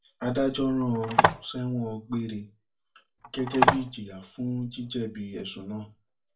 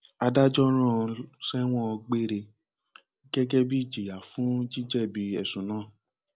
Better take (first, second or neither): second